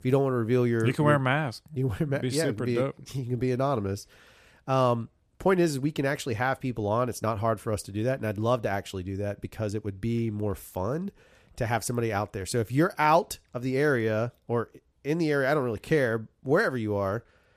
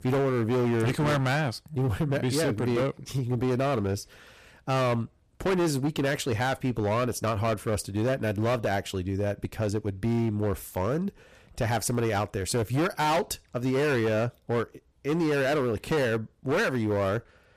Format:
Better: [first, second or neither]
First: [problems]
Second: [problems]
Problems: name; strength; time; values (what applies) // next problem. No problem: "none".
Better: first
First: none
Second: distortion; heavy; 17% of the sound clipped